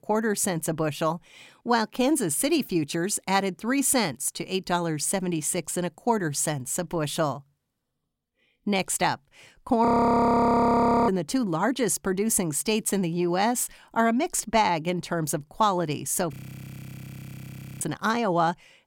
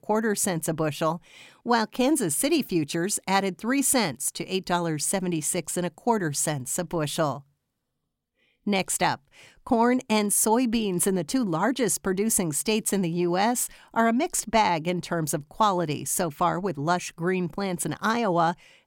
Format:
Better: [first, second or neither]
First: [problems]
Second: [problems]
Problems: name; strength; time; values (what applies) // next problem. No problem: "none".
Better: second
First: audio freezing; at 10 s for 1 s and at 16 s for 1.5 s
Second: none